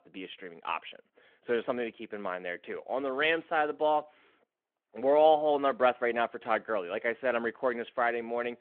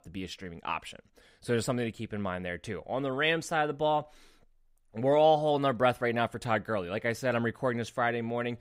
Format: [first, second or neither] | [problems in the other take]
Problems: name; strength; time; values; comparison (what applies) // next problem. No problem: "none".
second | phone-call audio